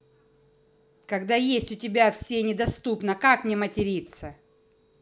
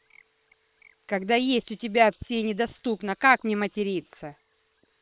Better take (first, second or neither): first